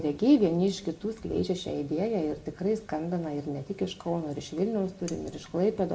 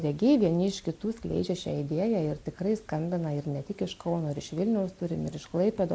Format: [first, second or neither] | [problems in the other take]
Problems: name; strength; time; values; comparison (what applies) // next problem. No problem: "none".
second | background sound (Cutlery, silverware); 20 dB below the speech // room echo; dies away in 0.7 s